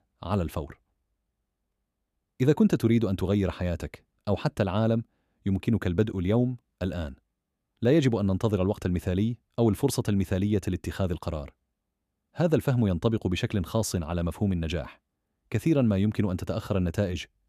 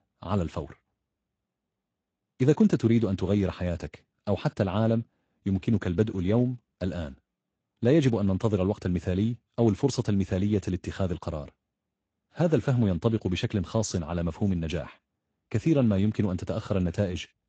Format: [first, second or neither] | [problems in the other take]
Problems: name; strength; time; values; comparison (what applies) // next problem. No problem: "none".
first | garbled, watery; slightly; nothing above 7.5 kHz